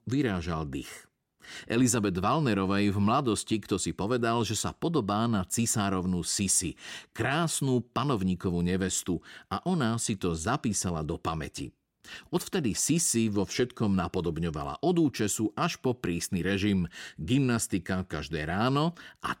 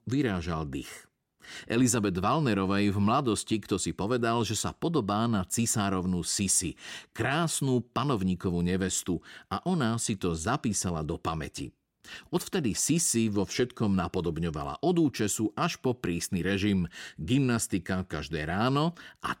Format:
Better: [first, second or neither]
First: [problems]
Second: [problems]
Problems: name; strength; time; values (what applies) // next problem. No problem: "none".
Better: neither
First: none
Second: none